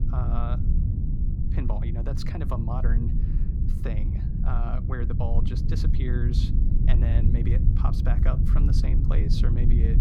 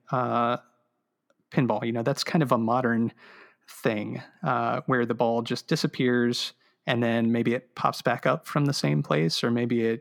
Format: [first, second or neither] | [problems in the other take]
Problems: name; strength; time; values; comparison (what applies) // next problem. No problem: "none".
second | low rumble; loud; throughout; 2 dB below the speech